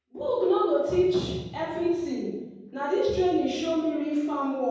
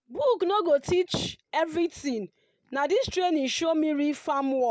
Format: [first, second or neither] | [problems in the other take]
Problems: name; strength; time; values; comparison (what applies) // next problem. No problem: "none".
second | room echo; dies away in 1.3 s